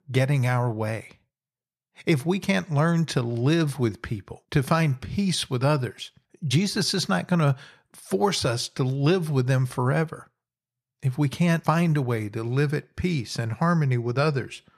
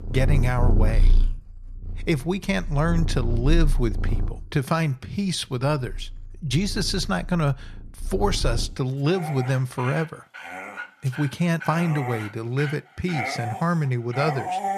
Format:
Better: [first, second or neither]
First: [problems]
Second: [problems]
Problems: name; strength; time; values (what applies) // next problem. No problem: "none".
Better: first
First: none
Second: animal sounds; loud; throughout; 4 dB below the speech